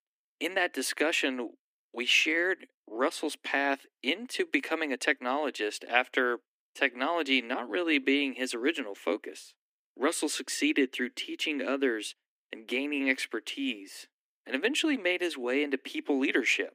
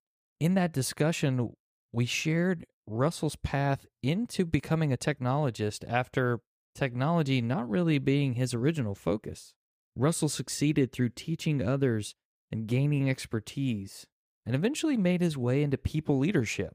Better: second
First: thin; somewhat; fading below 250 Hz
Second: none

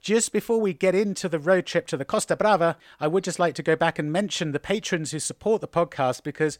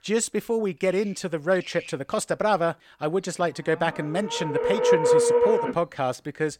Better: first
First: none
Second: animal sounds; very loud; throughout; 4 dB above the speech

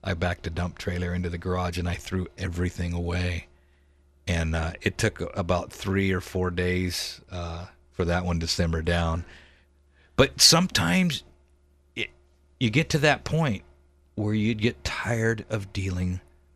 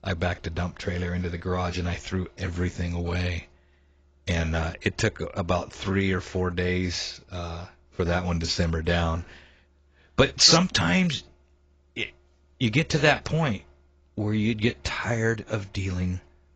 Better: first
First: none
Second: garbled, watery; badly; nothing above 7.5 kHz

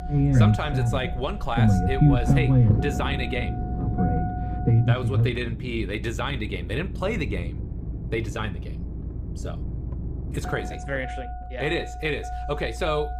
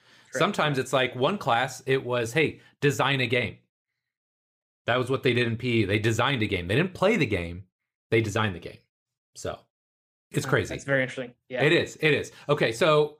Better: second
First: low rumble; loud; throughout; 2 dB below the speech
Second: none

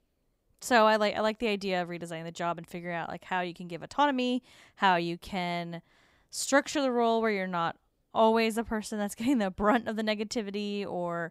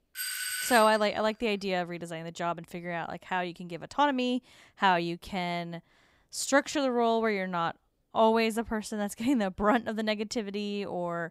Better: first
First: none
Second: doorbell; noticeable; at the start; peak 2 dB below the speech

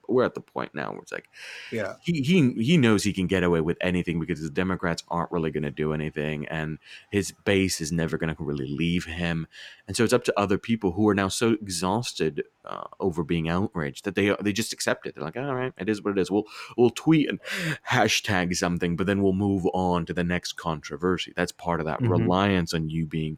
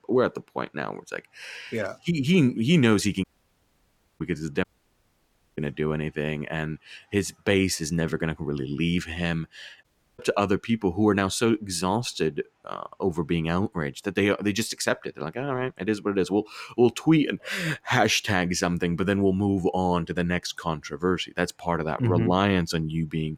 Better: first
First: none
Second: audio cutting out; at 3 s for 1 s, at 4.5 s for 1 s and at 10 s

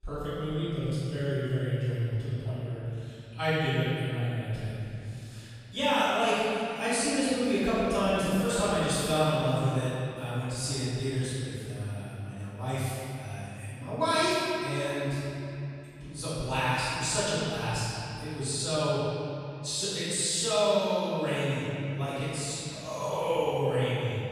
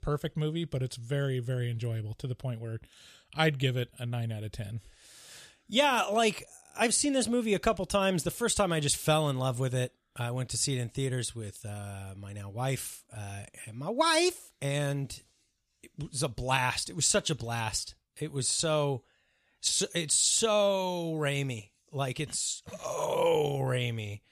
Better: second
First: off-mic speech; far // room echo; strong; dies away in 2.9 s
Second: none

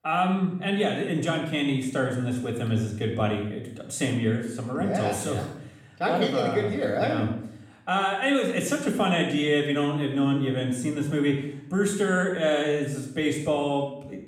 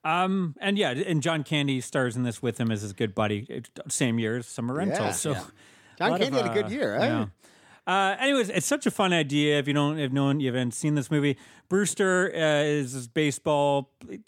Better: second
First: off-mic speech; somewhat distant // room echo; noticeable; dies away in 0.7 s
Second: none

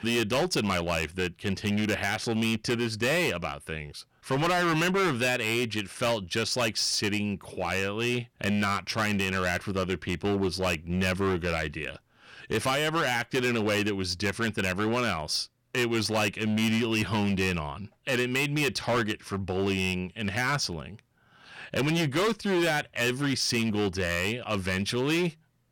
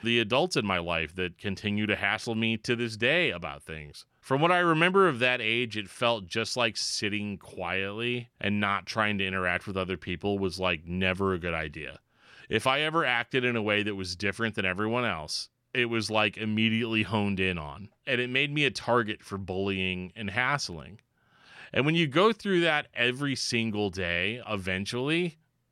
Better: second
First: distortion; heavy; 13% of the sound clipped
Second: none

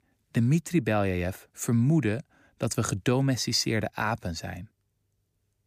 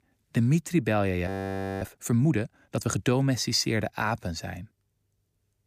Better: first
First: none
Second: audio freezing; at 1.5 s for 0.5 s

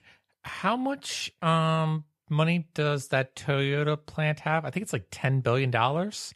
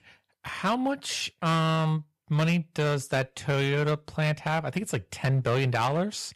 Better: first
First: none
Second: distortion; slight; 8% of the sound clipped

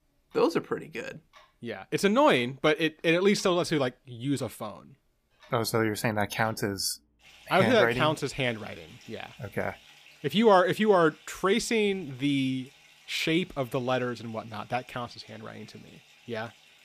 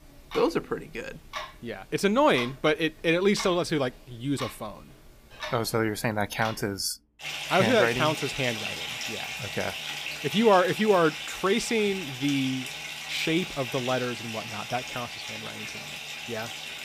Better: first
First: household noises; faint; throughout; 25 dB below the speech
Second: household noises; loud; throughout; 8 dB below the speech

